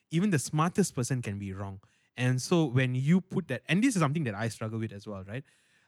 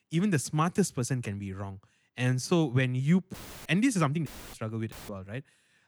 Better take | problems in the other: first | audio cutting out; filled with static; at 3.5 s, at 4.5 s and at 5 s

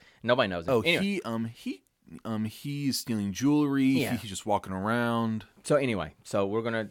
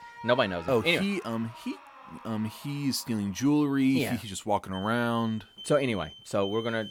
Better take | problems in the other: first | alarms or sirens; noticeable; throughout; 15 dB below the speech

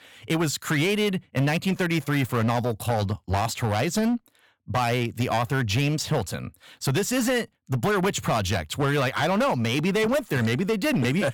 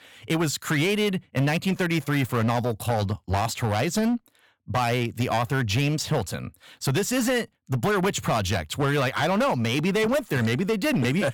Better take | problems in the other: neither | distortion; slight; 14% of the sound clipped; the same in both

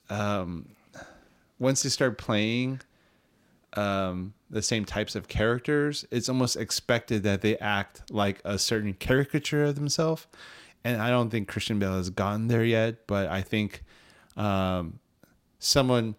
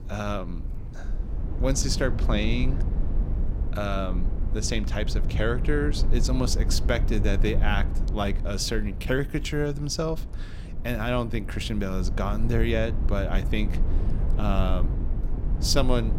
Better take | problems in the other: first | low rumble; noticeable; throughout; 15 dB below the speech

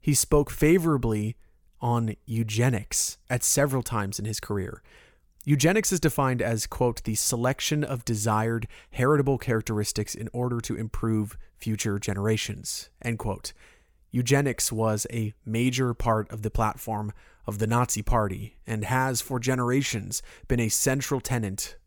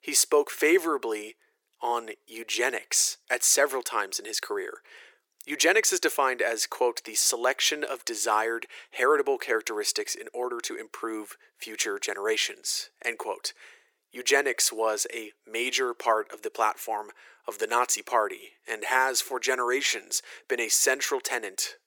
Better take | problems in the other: first | thin; very; fading below 350 Hz

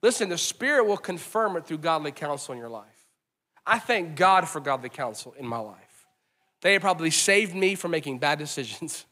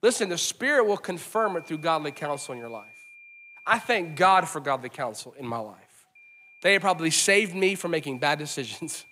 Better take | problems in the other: first | high-pitched whine; faint; from 1.5 to 4.5 s and from 6 s on; 2.5 kHz, 25 dB below the speech

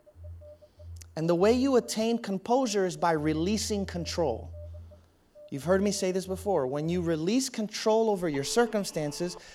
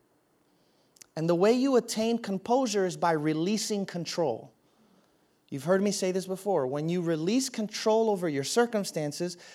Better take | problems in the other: second | alarms or sirens; noticeable; throughout; 20 dB below the speech

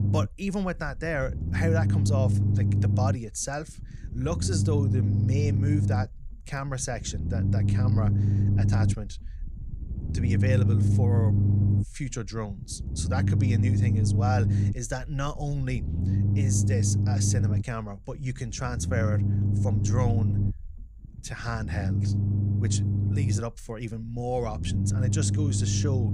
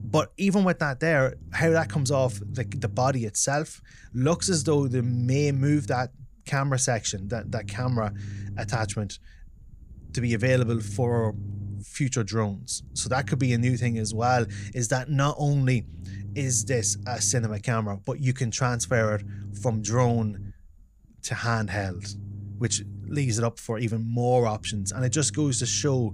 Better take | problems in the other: second | low rumble; loud; throughout; 3 dB below the speech; faint in the second

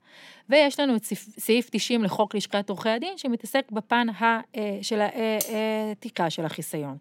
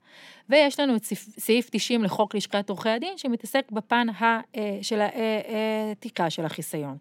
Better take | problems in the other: second | clattering dishes; noticeable; at 5.5 s; peak 6 dB below the speech

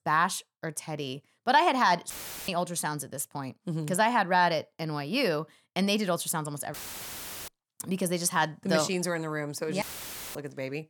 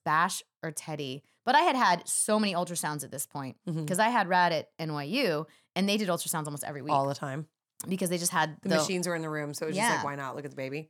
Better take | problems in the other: second | audio cutting out; filled with static; at 2 s, at 6.5 s for 0.5 s and at 10 s for 0.5 s

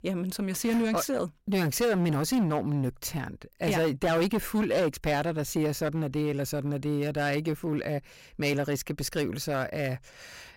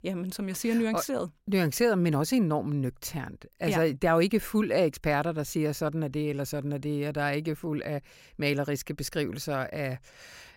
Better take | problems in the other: second | distortion; slight; 9% of the sound clipped

